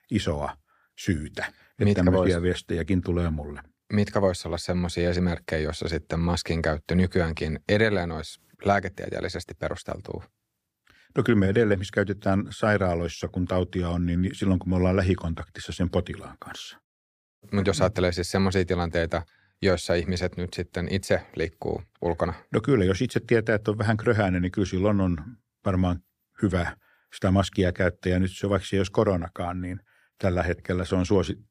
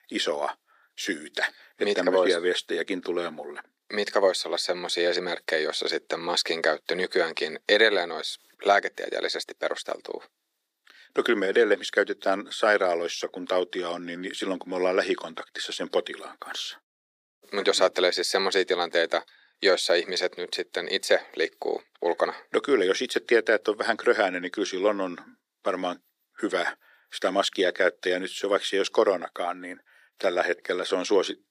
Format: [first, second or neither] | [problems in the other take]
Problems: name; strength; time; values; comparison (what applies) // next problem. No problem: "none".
first | thin; very; fading below 350 Hz